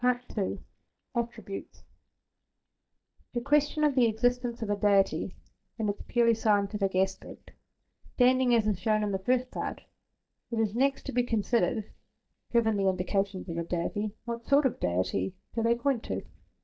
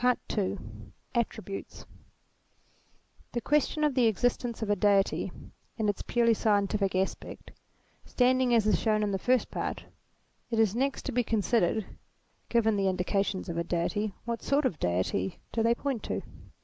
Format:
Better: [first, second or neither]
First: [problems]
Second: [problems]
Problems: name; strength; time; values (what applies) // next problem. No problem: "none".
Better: second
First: noise reduction (neural mask model DeepFilterNet 3)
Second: none